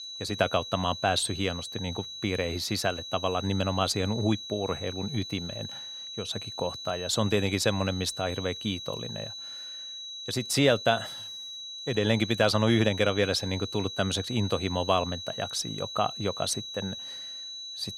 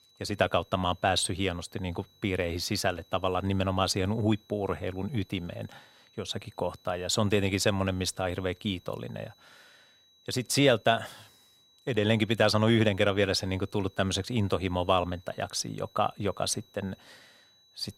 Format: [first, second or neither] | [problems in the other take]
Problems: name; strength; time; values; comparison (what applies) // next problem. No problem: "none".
second | high-pitched whine; loud; throughout; 4 kHz, 8 dB below the speech; faint in the second